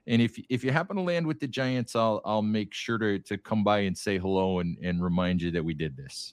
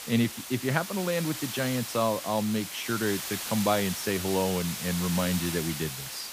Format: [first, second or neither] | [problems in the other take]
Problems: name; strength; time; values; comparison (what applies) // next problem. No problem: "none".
first | hiss; loud; throughout; 5 dB below the speech